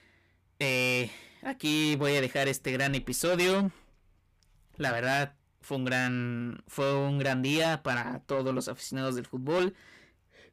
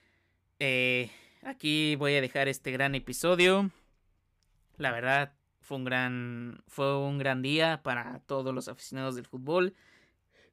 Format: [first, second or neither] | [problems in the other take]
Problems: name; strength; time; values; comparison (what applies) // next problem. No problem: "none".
second | distortion; heavy; 7 dB below the speech